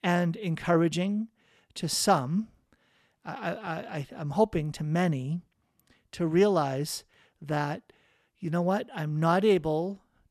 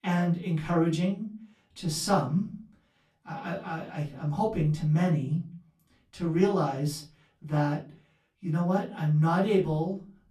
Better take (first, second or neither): first